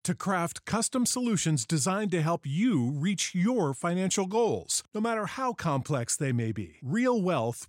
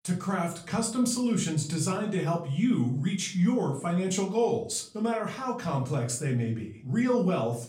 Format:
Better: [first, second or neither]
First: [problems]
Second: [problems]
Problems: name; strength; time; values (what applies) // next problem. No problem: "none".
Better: first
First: none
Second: off-mic speech; far // room echo; slight; dies away in 0.4 s